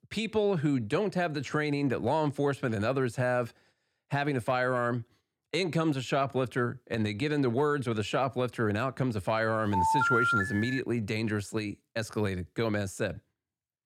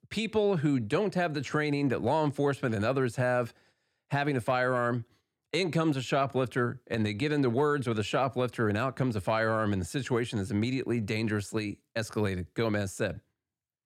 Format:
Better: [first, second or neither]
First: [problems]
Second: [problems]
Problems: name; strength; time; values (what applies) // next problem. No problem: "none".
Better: second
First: phone ringing; loud; from 9.5 to 11 s; peak 5 dB above the speech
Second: none